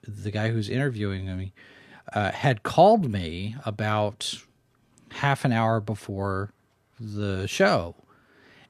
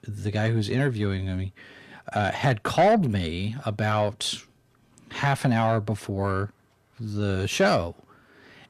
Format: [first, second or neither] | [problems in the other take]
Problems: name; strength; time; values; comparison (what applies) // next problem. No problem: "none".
first | distortion; slight; 10 dB below the speech